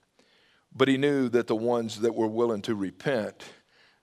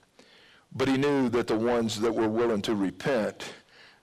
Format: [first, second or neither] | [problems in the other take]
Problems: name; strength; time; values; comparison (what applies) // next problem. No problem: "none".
first | distortion; heavy; 6 dB below the speech